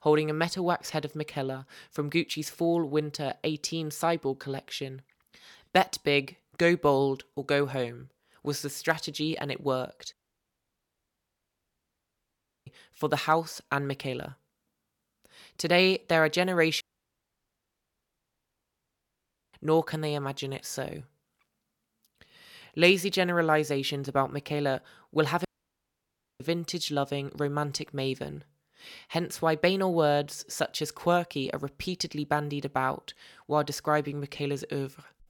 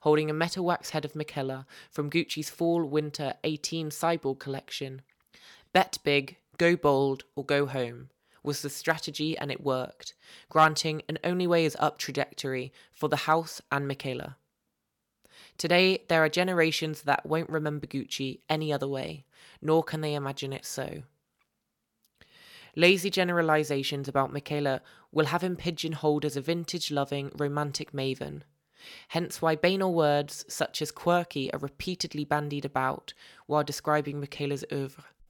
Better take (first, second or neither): second